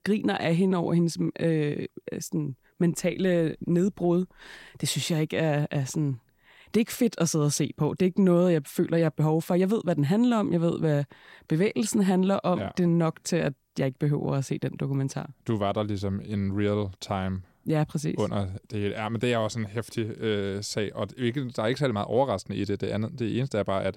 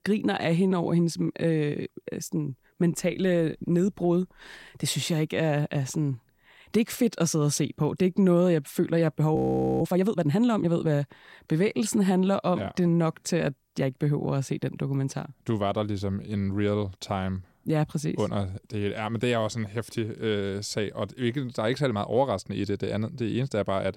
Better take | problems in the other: first | audio freezing; at 9.5 s

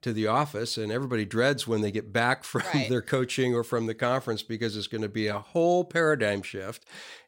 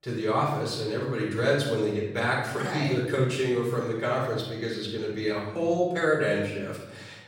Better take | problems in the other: first | off-mic speech; far // room echo; noticeable; dies away in 1 s

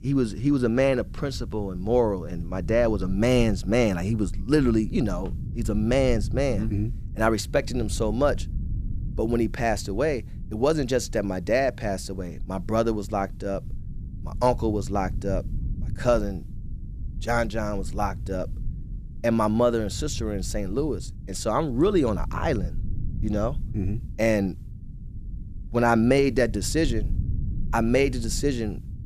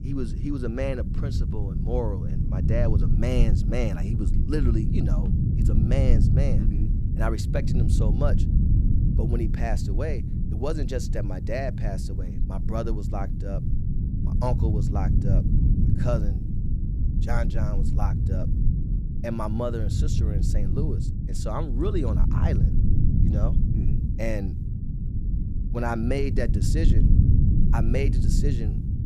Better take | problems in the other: first | low rumble; loud; throughout; 4 dB below the speech; faint in the first

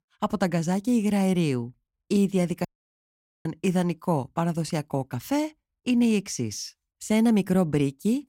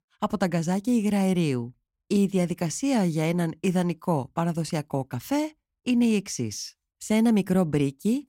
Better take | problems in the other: second | audio cutting out; at 2.5 s for 1 s

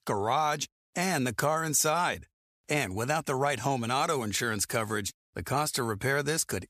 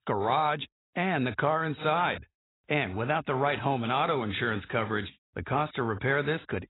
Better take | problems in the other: first | garbled, watery; badly; nothing above 4 kHz

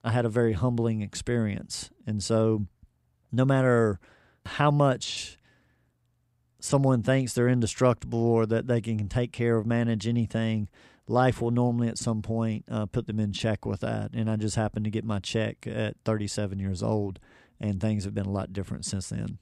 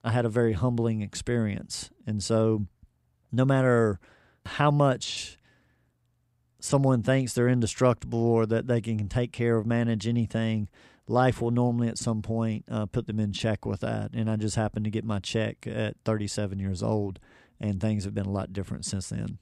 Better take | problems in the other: neither | none

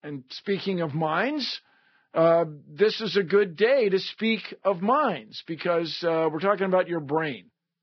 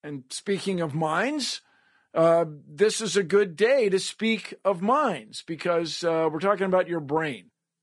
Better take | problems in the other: second | garbled, watery; badly; nothing above 5.5 kHz; slightly in the second

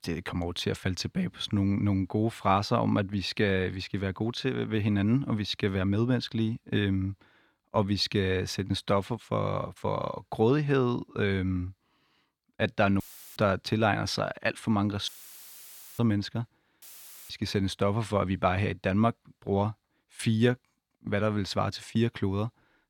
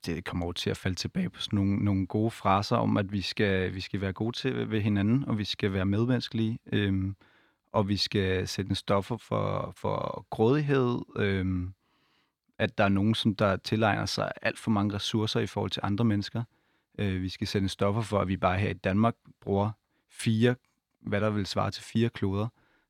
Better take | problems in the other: second | audio cutting out; filled with static; at 13 s, at 15 s for 1 s and at 17 s

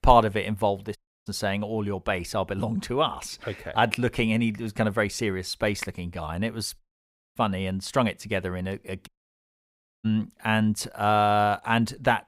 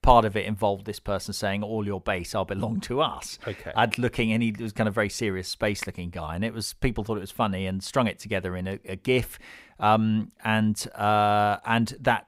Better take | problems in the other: second | audio cutting out; at 1 s, at 7 s for 0.5 s and at 9 s for 1 s

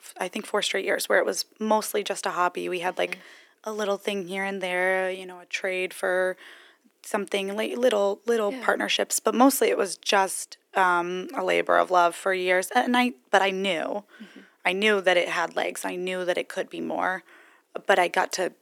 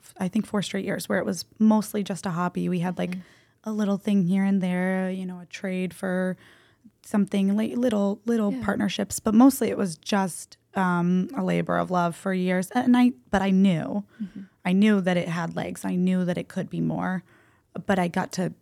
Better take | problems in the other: second | thin; very; fading below 350 Hz

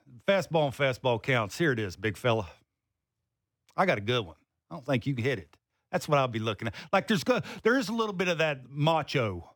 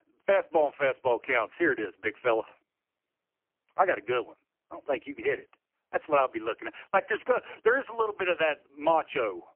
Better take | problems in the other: first | phone-call audio; poor line; nothing above 3 kHz

